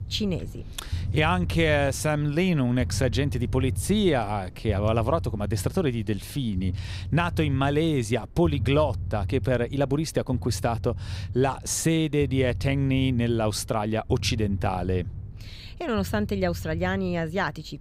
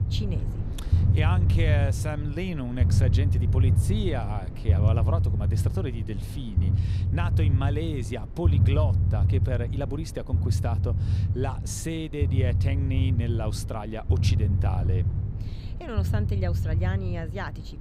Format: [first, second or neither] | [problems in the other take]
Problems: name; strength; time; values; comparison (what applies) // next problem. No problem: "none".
first | low rumble; loud; throughout; 5 dB below the speech; faint in the first